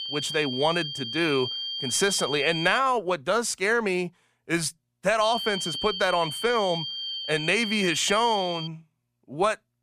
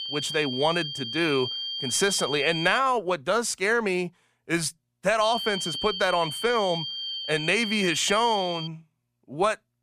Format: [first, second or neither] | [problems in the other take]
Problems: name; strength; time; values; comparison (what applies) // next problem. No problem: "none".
neither | high-pitched whine; loud; until 3 s and from 5 to 8.5 s; 3 kHz, 5 dB below the speech; the same in both